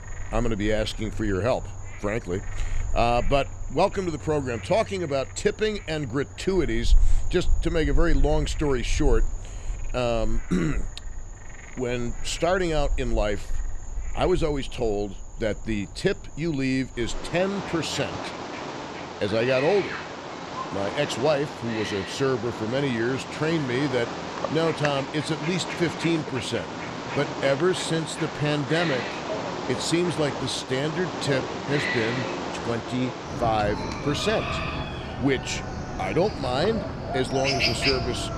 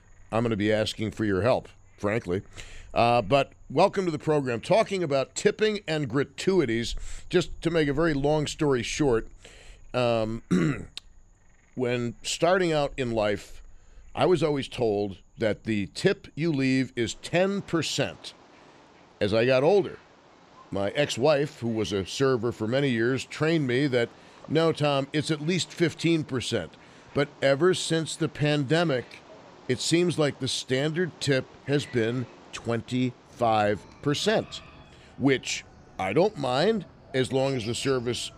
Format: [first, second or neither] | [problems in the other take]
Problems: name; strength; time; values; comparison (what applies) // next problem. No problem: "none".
second | animal sounds; loud; throughout; 5 dB below the speech; faint in the second